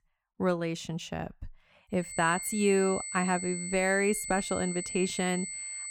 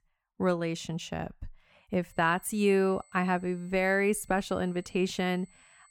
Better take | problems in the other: second | high-pitched whine; loud; from 2 s on; 8 kHz, 6 dB below the speech; faint in the second

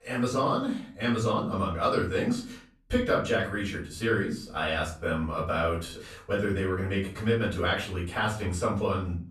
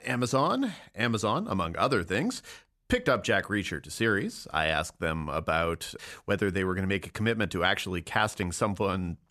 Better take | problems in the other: second | off-mic speech; far // room echo; slight; dies away in 0.4 s

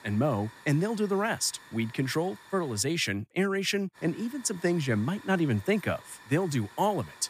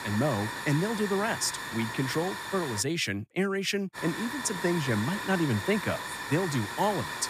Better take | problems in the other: first | hiss; loud; until 3 s and from 4 s on; 6 dB below the speech; faint in the first

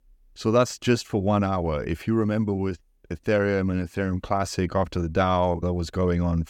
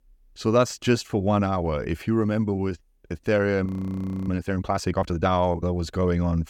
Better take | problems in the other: first | audio freezing; at 3.5 s for 0.5 s

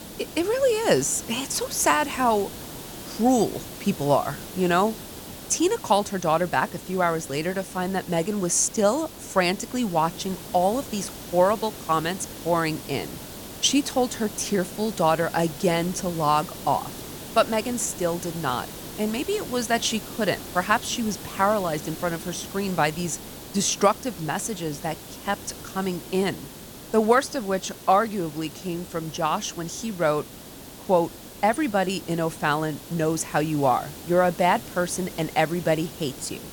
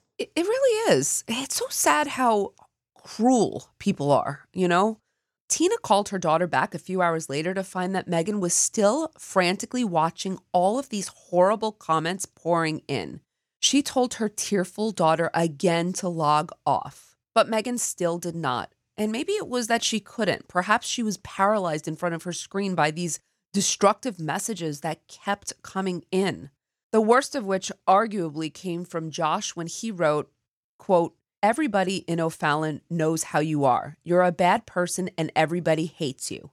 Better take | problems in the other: second | hiss; noticeable; throughout; 15 dB below the speech

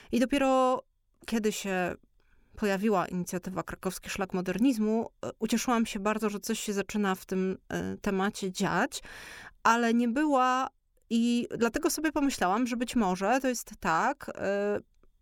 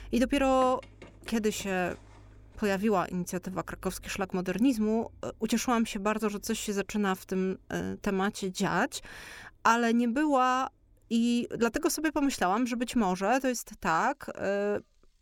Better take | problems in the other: first | traffic noise; faint; throughout; 25 dB below the speech

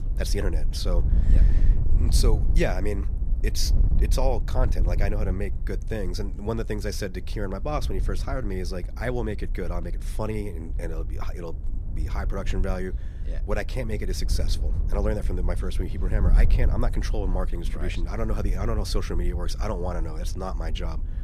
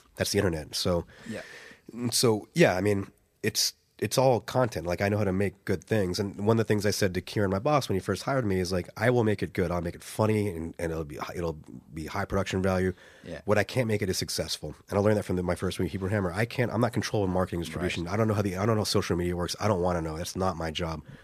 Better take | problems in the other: second | wind noise on the microphone; occasional gusts; 15 dB below the speech

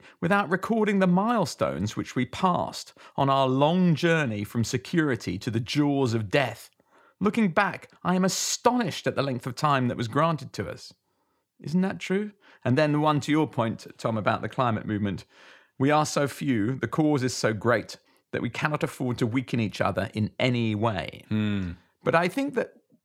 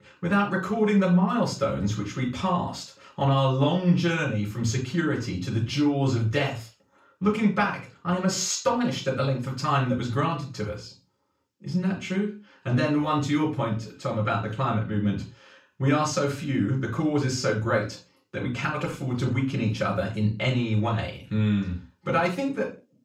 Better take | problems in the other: first | room echo; slight; dies away in 0.3 s // off-mic speech; far

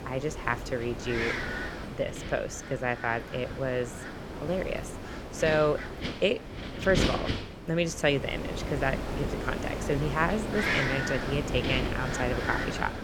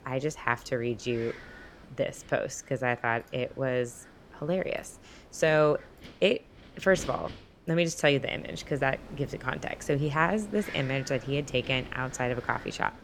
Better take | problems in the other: second | wind noise on the microphone; heavy; 4 dB below the speech; occasional gusts in the second

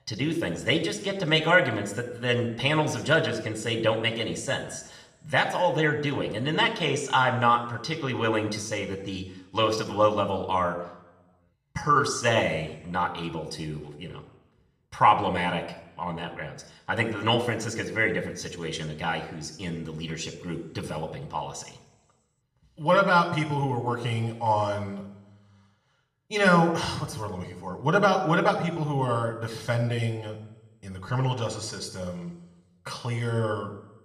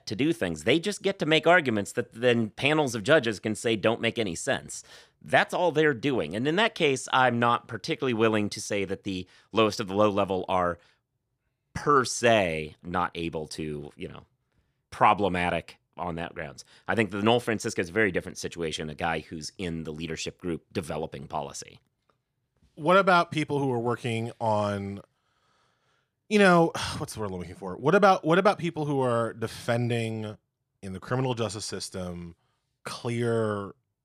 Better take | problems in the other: second | room echo; slight; dies away in 0.8 s

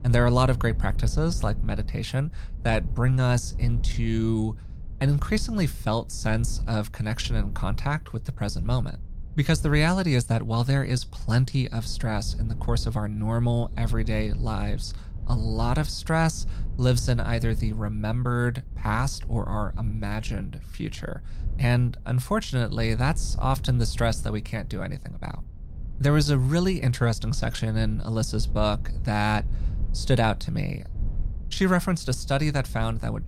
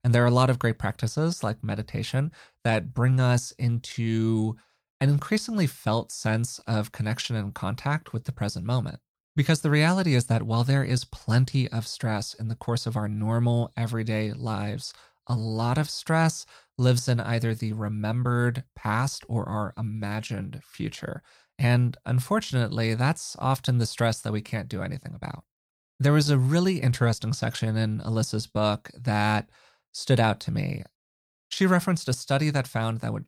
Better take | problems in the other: second | low rumble; faint; throughout; 20 dB below the speech

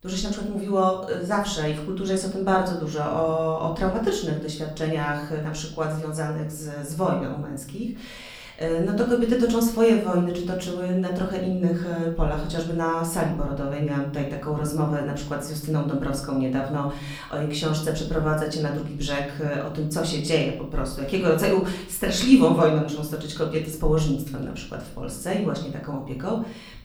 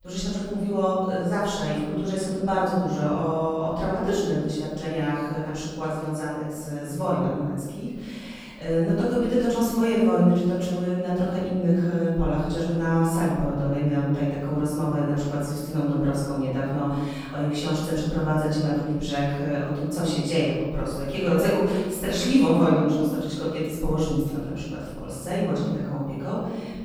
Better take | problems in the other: first | room echo; strong; dies away in 1.6 s; slight in the first // off-mic speech; far; far in the first

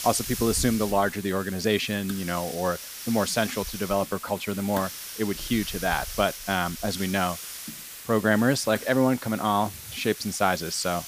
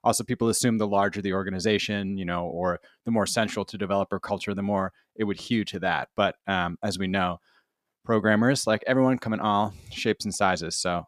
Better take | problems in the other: second | hiss; loud; throughout; 10 dB below the speech

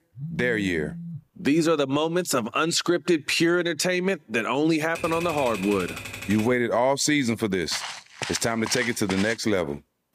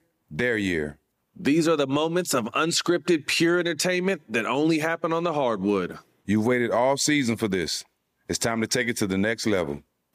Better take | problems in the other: second | phone ringing; faint; until 1 s; peak 10 dB below the speech // keyboard typing; noticeable; from 5 to 6.5 s; peak 8 dB below the speech // footsteps; noticeable; from 7.5 to 9.5 s; peak 8 dB below the speech

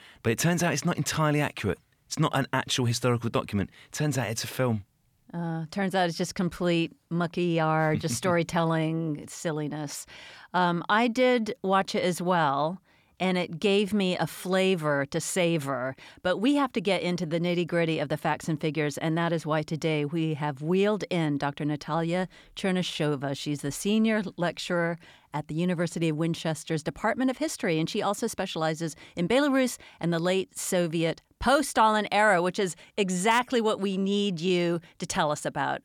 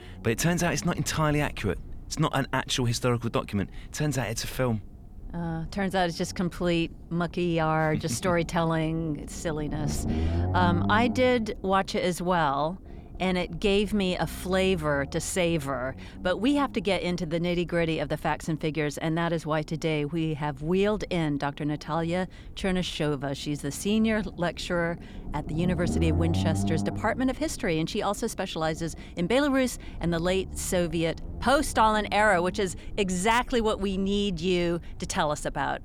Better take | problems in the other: first | low rumble; noticeable; throughout; 15 dB below the speech

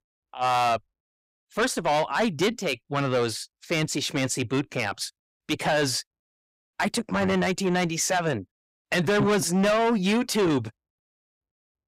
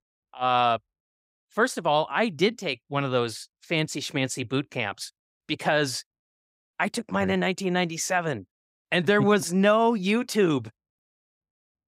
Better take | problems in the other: second | distortion; heavy; 7 dB below the speech

